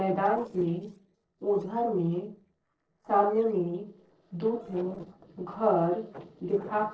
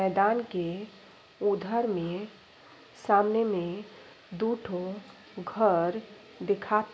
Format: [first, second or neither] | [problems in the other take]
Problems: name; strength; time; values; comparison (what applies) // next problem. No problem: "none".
second | noise reduction (neural separator model SepFormer DNS4)